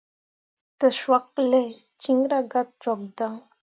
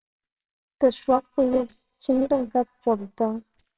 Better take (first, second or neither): first